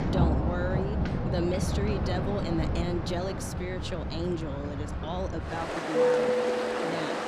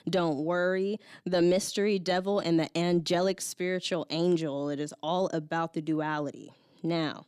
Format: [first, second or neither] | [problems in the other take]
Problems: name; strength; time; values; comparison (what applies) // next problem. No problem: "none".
second | rain or running water; very loud; throughout; 5 dB above the speech